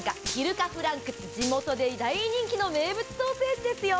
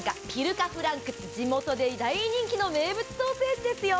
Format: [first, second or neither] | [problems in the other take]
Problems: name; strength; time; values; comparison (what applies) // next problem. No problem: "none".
second | background sound (Gunshot, gunfire); 13 dB below the speech